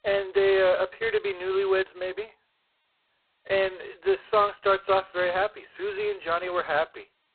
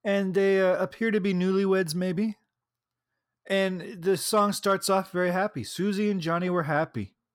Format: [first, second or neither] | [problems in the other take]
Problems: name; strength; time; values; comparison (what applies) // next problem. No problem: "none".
second | phone-call audio; poor line; nothing above 4 kHz